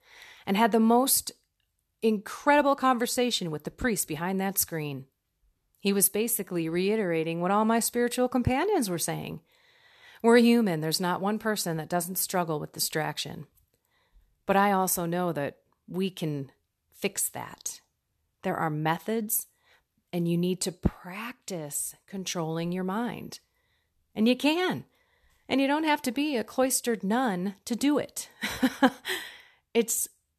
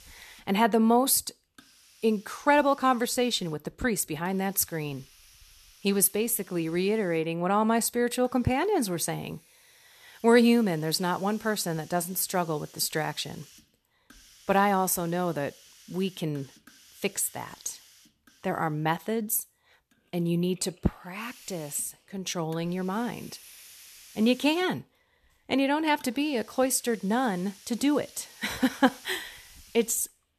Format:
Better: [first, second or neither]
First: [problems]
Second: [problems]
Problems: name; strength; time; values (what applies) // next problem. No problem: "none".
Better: first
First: none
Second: hiss; faint; throughout; 25 dB below the speech